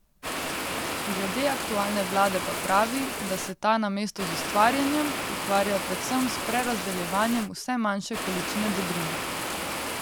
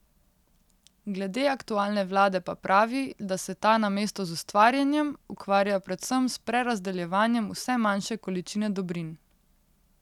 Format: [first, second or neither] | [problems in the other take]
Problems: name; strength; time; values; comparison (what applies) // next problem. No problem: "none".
second | background sound (Water); 4 dB below the speech